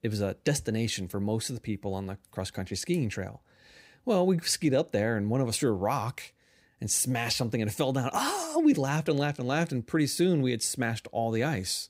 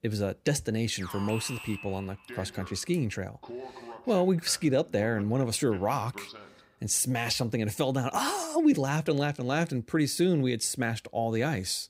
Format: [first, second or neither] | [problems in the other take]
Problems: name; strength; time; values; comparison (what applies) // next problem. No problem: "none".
first | alarm; faint; from 1 to 6.5 s; peak 10 dB below the speech